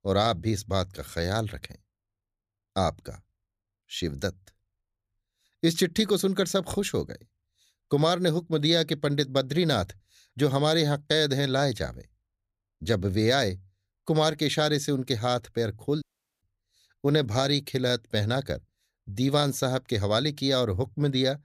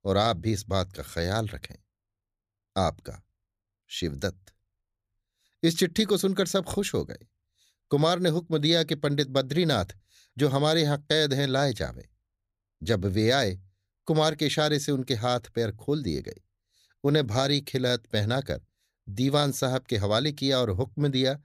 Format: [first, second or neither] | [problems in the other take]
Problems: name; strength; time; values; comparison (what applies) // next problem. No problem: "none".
second | audio cutting out; at 16 s